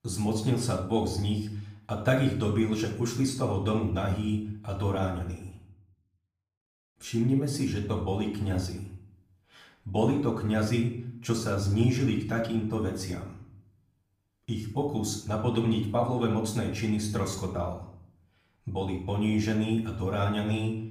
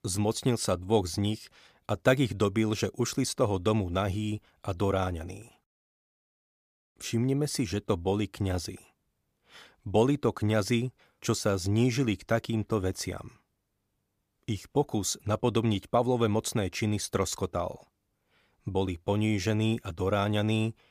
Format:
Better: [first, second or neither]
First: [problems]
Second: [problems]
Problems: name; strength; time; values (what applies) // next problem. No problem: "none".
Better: second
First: off-mic speech; far // room echo; noticeable; dies away in 0.6 s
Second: none